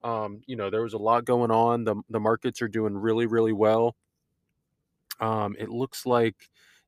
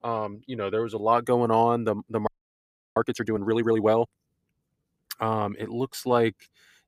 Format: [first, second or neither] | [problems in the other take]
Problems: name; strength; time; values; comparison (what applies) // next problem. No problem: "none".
first | audio freezing; at 2.5 s for 0.5 s